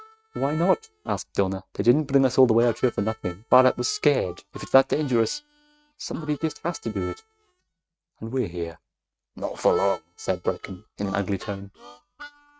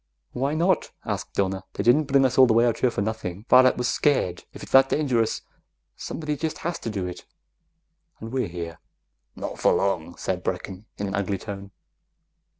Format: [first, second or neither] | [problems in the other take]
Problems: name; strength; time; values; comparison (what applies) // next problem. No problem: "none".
second | noise reduction (neural mask model RNNoise)